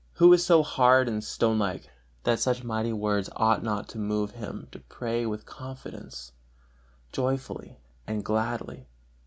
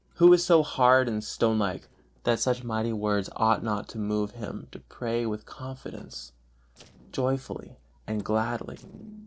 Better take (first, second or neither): first